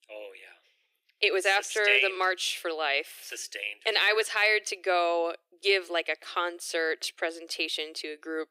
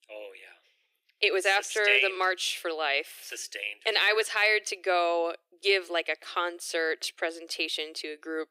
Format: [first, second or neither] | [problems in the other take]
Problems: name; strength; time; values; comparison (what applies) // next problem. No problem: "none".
neither | thin; very; fading below 350 Hz; the same in both